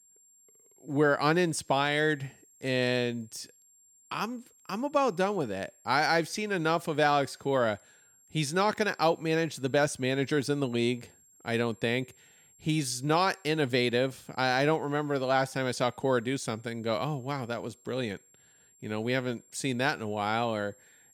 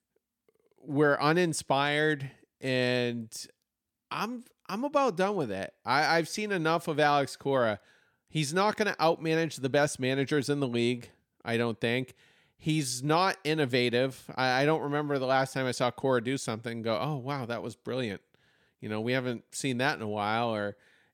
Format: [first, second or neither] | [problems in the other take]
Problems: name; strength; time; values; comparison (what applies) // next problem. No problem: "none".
second | high-pitched whine; faint; throughout; 7.5 kHz, 30 dB below the speech